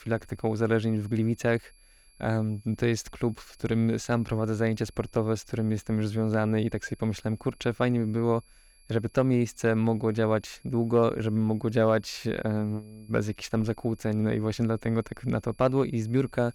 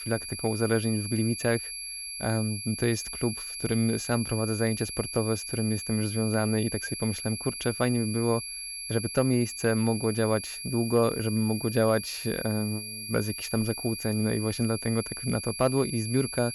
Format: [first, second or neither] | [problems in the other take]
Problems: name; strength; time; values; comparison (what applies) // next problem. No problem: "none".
first | high-pitched whine; loud; throughout; 4.5 kHz, 6 dB below the speech; faint in the first